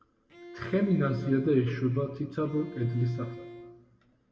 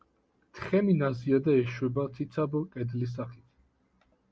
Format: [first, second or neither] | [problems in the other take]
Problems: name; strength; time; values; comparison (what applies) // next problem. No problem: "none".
second | background sound (Bowed string instrument); 17 dB below the speech // room echo; dies away in 1.5 s